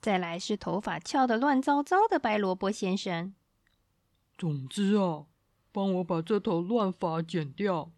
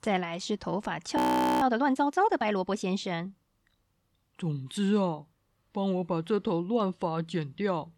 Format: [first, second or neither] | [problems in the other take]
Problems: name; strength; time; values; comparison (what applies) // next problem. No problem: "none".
first | audio freezing; at 1 s